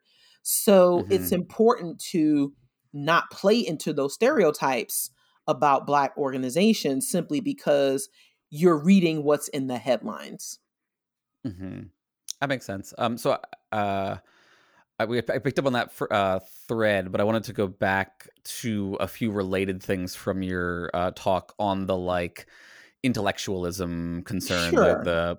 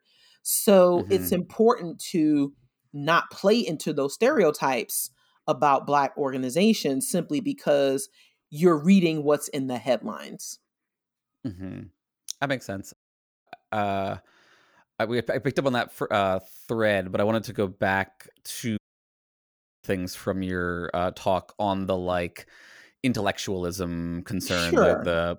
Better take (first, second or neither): first